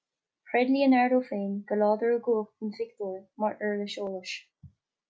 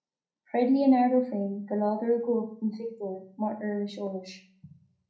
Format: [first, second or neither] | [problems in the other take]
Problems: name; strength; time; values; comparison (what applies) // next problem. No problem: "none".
first | room echo; dies away in 0.6 s